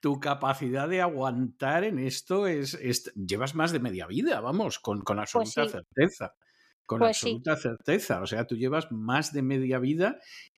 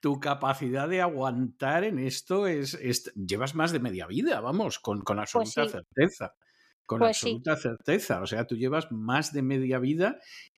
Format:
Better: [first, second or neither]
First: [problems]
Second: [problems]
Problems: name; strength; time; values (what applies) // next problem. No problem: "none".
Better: neither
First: none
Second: none